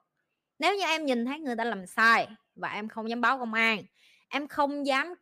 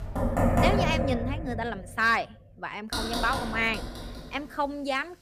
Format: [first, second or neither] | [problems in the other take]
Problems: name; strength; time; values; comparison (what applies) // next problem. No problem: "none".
first | household noises; very loud; throughout; as loud as the speech